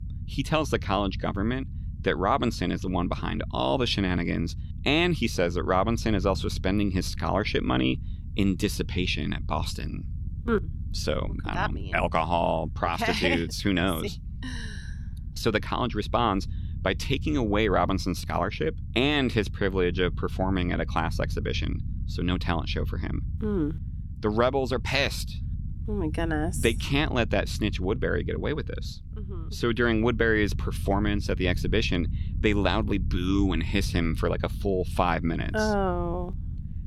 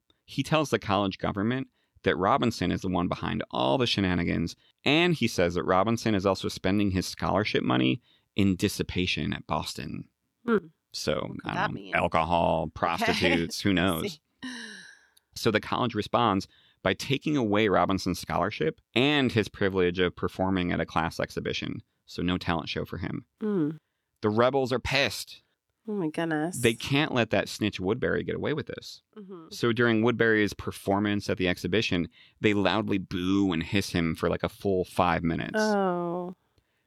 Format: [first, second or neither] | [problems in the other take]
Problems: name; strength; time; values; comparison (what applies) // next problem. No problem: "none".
second | low rumble; faint; throughout; 20 dB below the speech